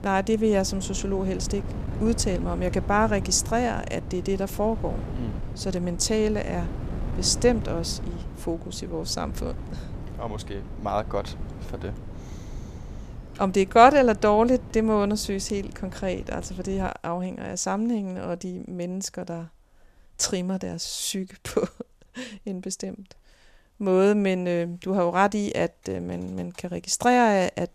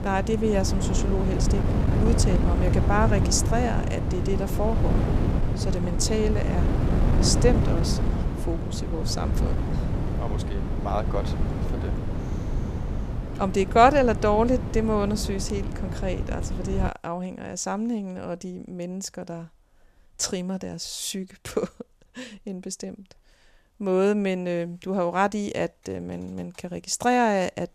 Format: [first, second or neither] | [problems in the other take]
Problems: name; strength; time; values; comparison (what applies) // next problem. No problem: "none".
first | wind noise on the microphone; heavy; until 17 s; 8 dB below the speech; occasional gusts in the first